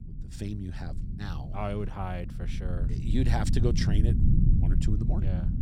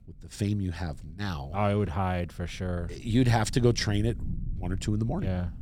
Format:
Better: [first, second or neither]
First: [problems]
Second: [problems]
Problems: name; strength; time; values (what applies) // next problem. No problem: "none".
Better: second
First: low rumble; loud; throughout; 3 dB below the speech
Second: low rumble; faint; throughout; 20 dB below the speech